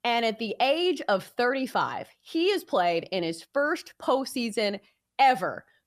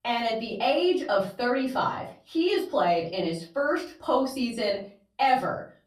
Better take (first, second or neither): first